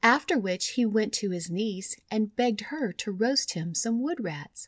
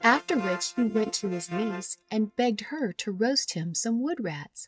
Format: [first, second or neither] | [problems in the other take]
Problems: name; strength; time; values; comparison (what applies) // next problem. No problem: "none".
first | noise reduction (neural mask model RNNoise)